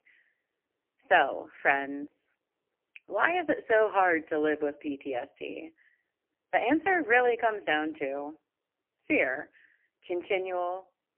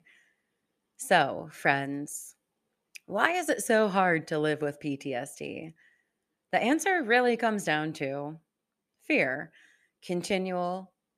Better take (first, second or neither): second